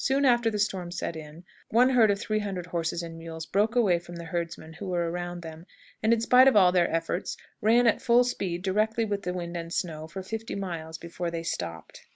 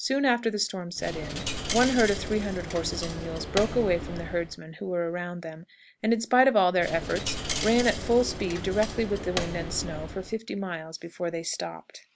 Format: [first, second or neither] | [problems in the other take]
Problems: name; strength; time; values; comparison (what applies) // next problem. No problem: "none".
first | background sound (Coin (dropping)); 6 dB below the speech